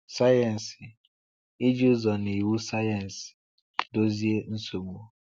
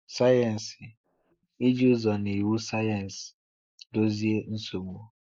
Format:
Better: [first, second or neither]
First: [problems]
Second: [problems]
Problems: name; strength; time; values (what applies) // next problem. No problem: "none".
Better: first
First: none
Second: noise reduction (neural mask model Resemble Enhance denoiser)